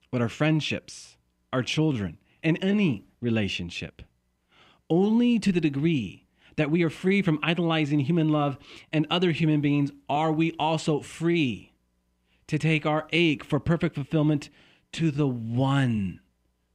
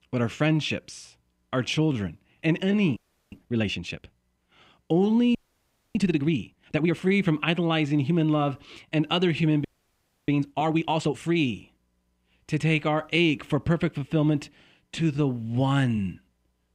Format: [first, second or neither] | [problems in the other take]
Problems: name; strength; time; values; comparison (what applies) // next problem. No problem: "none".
first | audio freezing; at 3 s, at 5.5 s for 0.5 s and at 9.5 s for 0.5 s